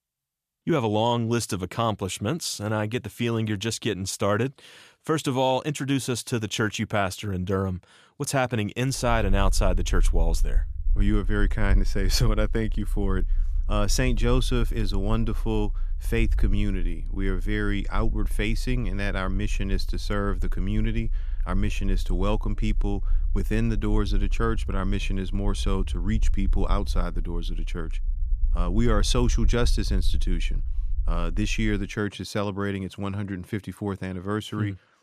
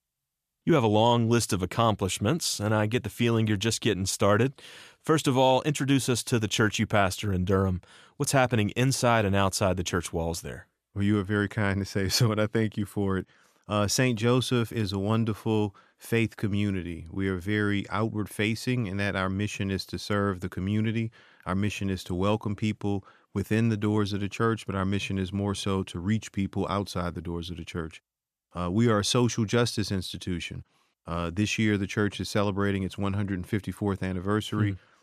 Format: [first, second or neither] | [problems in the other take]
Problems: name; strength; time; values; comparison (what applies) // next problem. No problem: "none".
second | low rumble; faint; from 9 to 32 s; 25 dB below the speech